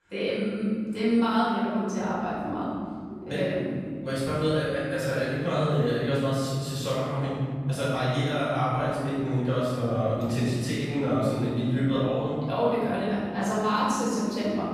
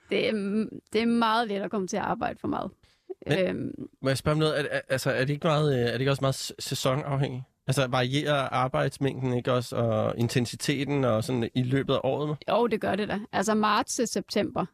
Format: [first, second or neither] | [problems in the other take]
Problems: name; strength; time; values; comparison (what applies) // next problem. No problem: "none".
second | room echo; strong; dies away in 2.4 s // off-mic speech; far